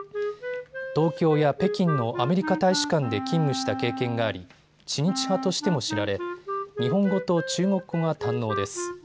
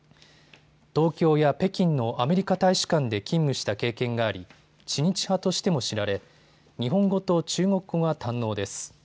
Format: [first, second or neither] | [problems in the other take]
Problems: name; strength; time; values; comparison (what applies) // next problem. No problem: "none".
second | background sound (Wind instrument, woodwind instrument); 7 dB below the speech